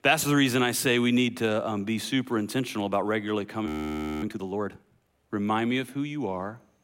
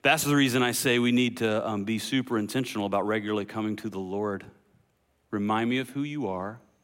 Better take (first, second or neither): second